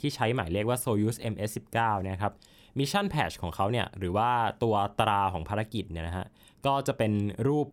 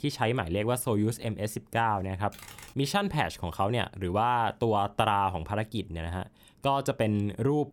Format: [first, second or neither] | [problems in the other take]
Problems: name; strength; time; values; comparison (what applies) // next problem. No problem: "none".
first | keyboard typing; faint; at 2.5 s; peak 15 dB below the speech